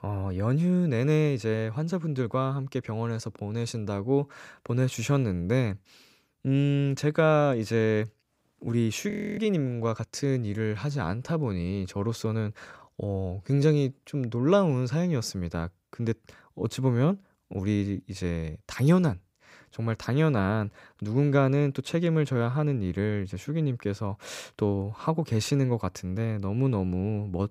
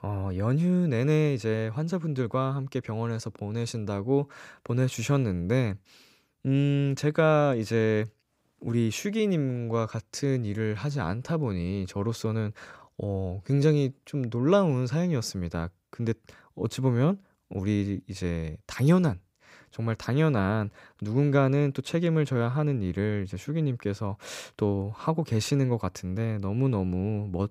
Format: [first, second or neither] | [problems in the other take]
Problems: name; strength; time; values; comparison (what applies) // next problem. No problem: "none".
second | audio freezing; at 9 s